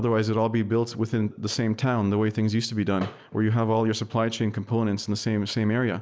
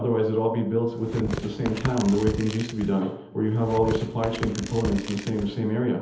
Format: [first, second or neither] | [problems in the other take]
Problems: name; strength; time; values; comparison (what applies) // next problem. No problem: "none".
first | background sound (Tearing); 10 dB below the speech // room echo; dies away in 0.8 s